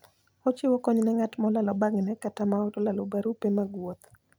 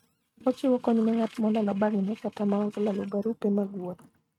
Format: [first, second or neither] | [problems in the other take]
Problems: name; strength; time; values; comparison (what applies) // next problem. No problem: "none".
first | noise reduction (neural mask model RNNoise)